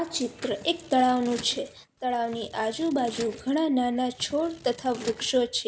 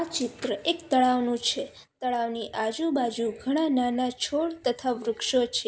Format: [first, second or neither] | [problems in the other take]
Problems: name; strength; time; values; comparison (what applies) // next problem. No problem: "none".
second | background sound (Scissors); 19 dB below the speech